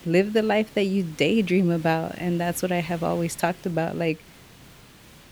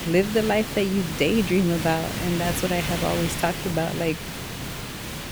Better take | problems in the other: first | hiss; loud; throughout; 6 dB below the speech; faint in the first

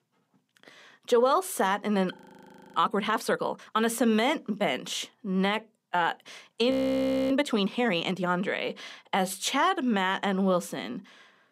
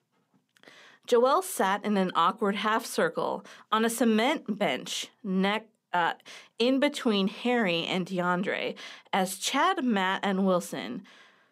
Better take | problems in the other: second | audio freezing; at 2 s for 0.5 s and at 6.5 s for 0.5 s

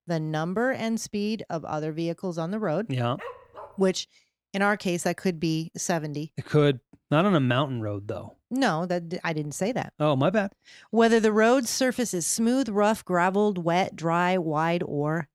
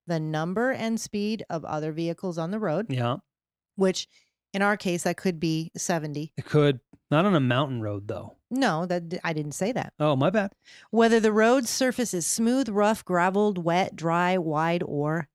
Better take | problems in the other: second | dog barking; faint; at 3 s; peak 15 dB below the speech

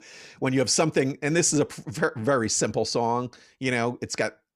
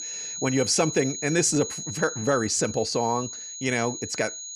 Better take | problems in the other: first | high-pitched whine; loud; throughout; 6.5 kHz, 7 dB below the speech

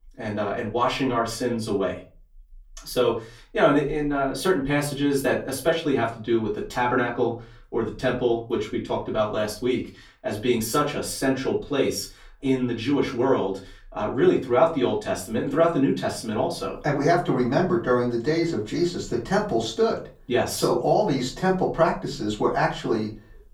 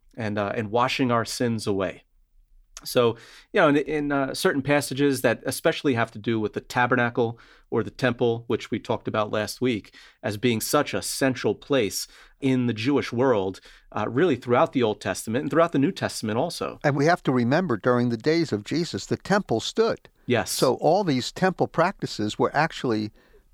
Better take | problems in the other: second | off-mic speech; far // room echo; very slight; dies away in 0.3 s

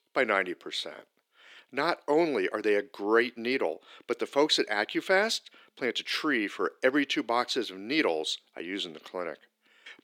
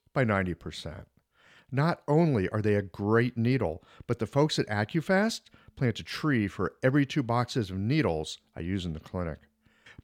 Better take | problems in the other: second | thin; somewhat; fading below 350 Hz

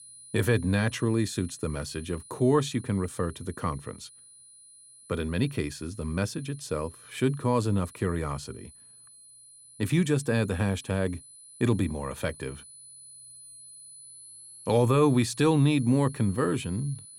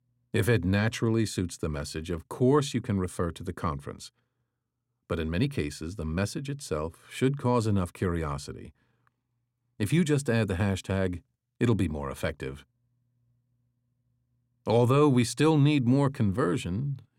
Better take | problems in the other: second | high-pitched whine; noticeable; throughout; 10 kHz, 20 dB below the speech

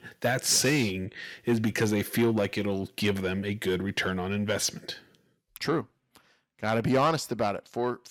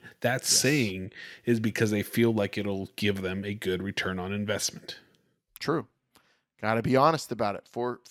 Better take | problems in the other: second | distortion; slight; 10 dB below the speech

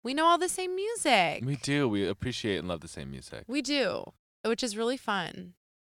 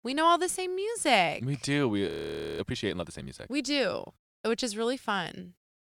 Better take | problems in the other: first | audio freezing; at 2 s for 0.5 s

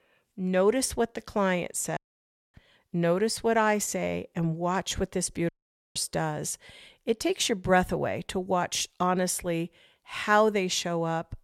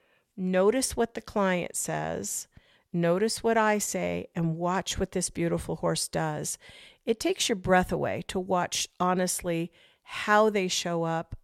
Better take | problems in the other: second | audio cutting out; at 2 s for 0.5 s and at 5.5 s

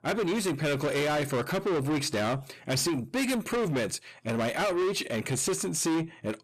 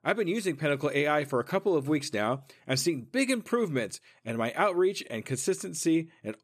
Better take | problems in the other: second | distortion; heavy; 6 dB below the speech

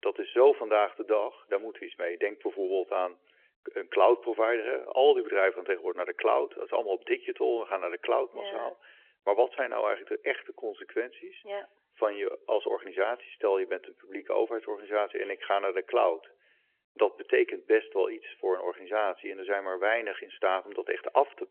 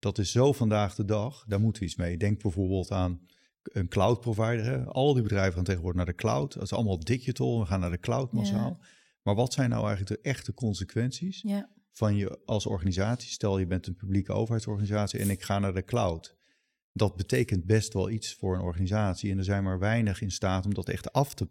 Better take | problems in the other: second | phone-call audio

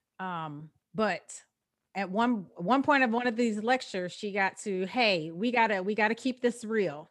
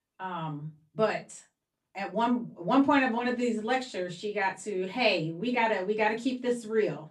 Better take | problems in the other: first | off-mic speech; far // room echo; very slight; dies away in 0.2 s

